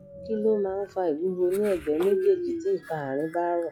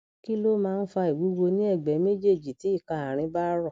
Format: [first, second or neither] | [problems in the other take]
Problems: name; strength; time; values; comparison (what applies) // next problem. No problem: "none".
second | noise reduction (classical method log-MMSE)